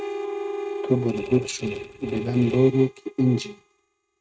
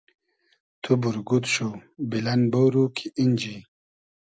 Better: second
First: noise reduction (neural mask model RNNoise)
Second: none

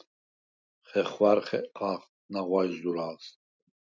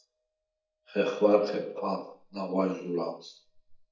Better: first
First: none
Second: noise reduction (neural mask model DeepFilterNet 3)

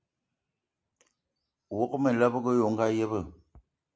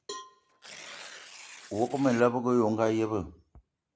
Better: first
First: none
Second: background sound (Tearing + Cowbell); 18 dB below the speech

